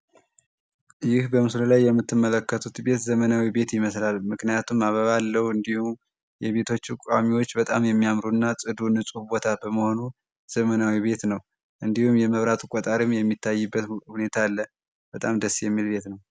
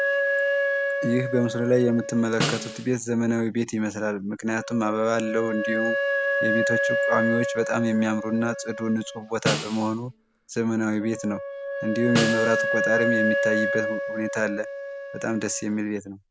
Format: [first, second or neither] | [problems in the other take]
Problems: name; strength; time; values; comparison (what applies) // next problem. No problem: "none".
first | background sound (Wind instrument, woodwind instrument + Snare drum); 2 dB below the speech